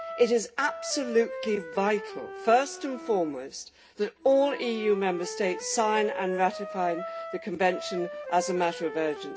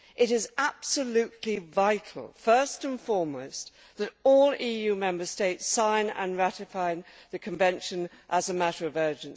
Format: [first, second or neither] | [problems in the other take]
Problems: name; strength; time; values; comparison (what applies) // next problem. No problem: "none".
second | background sound (Wind instrument, woodwind instrument); 11 dB below the speech // room echo; dies away in 0.3 s